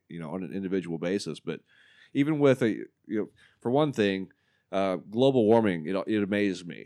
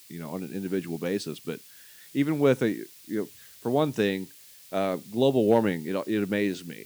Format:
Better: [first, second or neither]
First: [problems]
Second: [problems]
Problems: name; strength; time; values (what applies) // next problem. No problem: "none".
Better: first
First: none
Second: hiss; faint; throughout; 20 dB below the speech